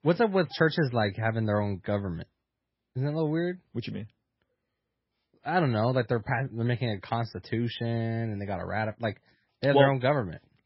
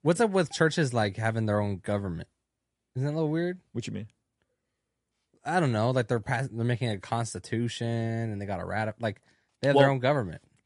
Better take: second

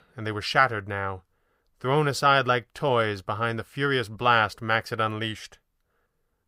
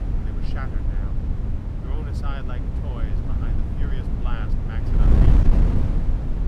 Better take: first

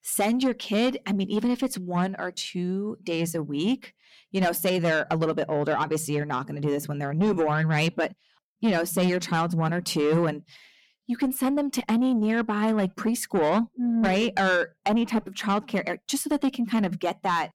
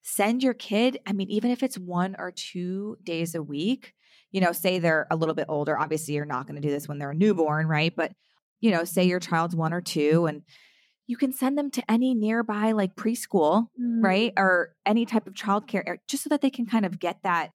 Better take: second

